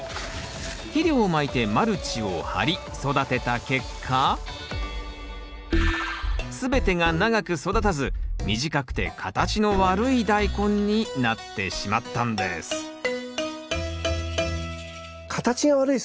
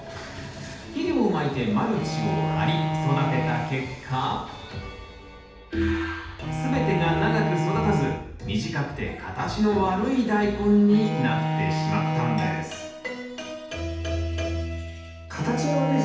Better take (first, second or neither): first